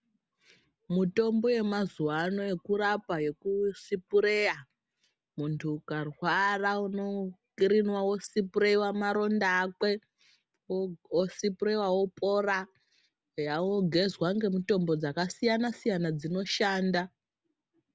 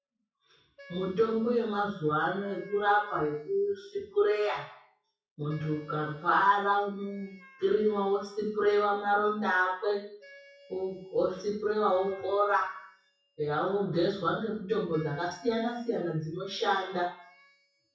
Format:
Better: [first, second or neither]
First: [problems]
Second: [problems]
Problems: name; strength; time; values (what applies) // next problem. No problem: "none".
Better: first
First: none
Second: noise reduction (classical method WPE with log-MMSE)